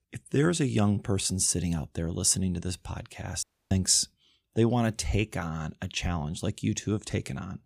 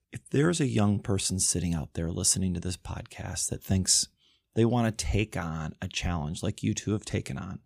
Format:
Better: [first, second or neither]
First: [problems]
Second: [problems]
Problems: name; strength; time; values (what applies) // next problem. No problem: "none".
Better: second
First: audio cutting out; at 3.5 s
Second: none